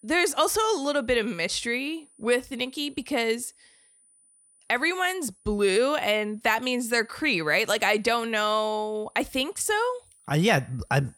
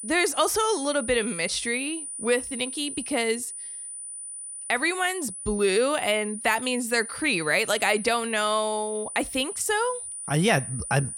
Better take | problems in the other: first | high-pitched whine; loud; throughout; 9.5 kHz, 8 dB below the speech; faint in the first

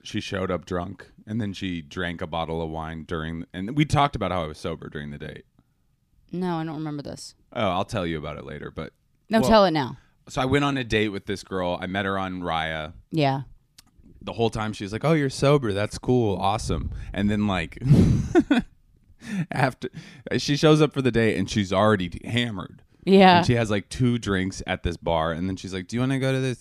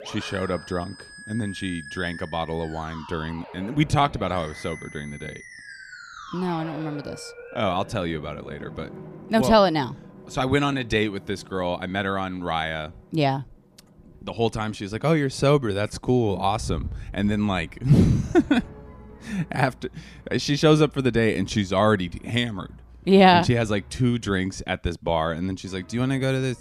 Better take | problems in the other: first | background music; noticeable; throughout; 20 dB below the speech

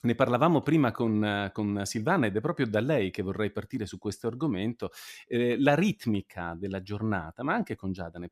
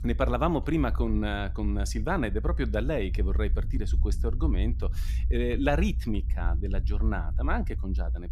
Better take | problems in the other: first | low rumble; noticeable; throughout; 20 dB below the speech

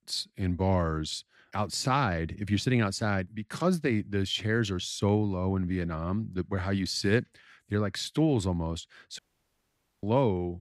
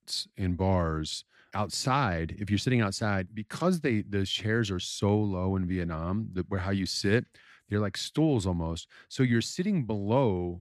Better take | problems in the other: second | audio cutting out; at 9 s for 1 s

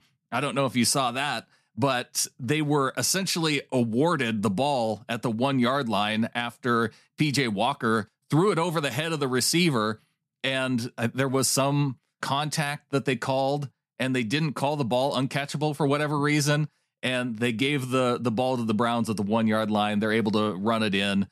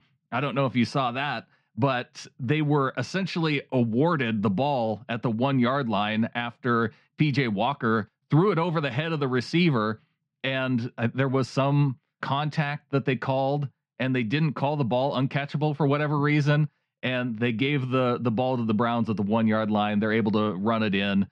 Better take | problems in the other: first | muffled; slightly; fading above 3.5 kHz

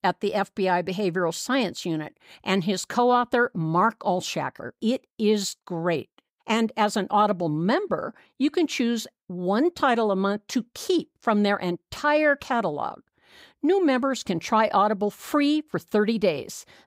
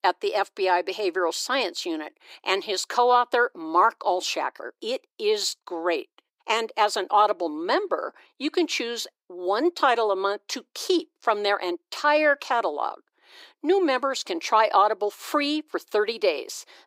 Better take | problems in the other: first | thin; somewhat; fading below 350 Hz

